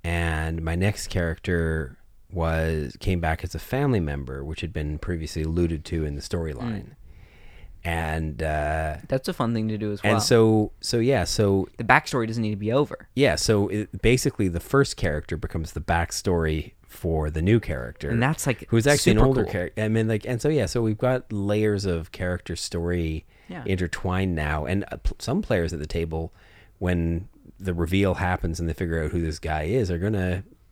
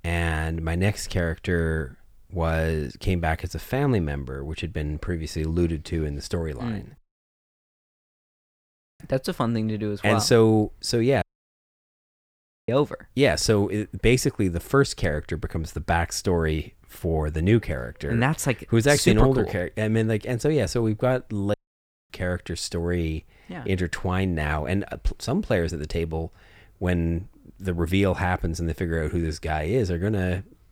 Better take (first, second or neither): first